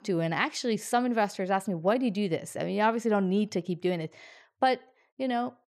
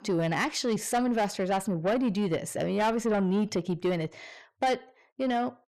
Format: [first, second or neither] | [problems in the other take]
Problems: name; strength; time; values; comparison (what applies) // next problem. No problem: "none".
first | distortion; slight; 10 dB below the speech